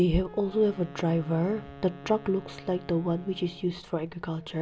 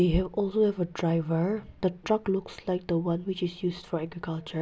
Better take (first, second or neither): second